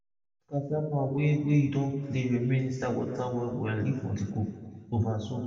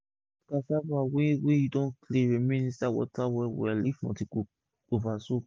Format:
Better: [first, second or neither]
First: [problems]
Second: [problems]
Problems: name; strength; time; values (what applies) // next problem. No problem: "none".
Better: second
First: room echo; dies away in 1.9 s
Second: none